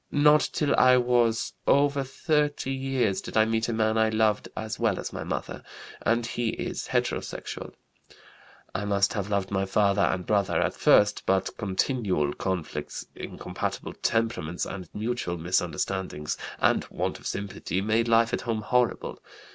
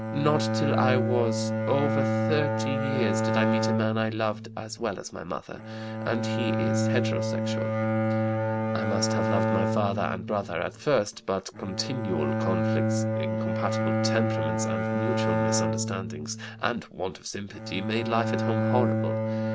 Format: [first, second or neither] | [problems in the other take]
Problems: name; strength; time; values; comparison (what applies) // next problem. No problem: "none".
first | background sound (Bowed string instrument); 3 dB above the speech